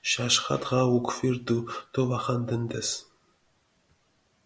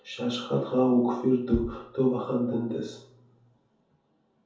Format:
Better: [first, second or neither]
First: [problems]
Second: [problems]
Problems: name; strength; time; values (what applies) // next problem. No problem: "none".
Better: first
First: none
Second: background sound (Bass drum); 14 dB below the speech // room echo; dies away in 0.5 s